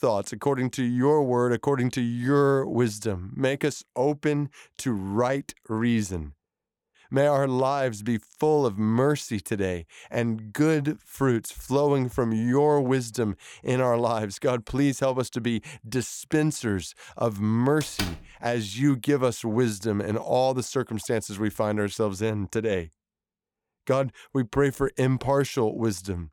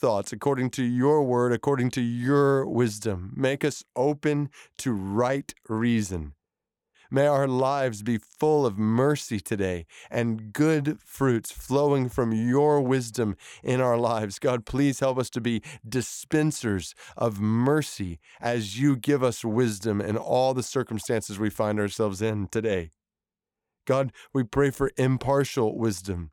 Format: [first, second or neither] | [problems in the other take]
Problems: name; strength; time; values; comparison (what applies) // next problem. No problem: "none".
second | door banging; noticeable; at 18 s; peak 7 dB below the speech